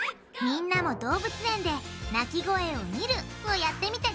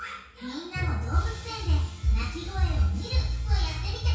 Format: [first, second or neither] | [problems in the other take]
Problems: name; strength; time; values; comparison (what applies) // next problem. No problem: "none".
first | room echo; dies away in 0.6 s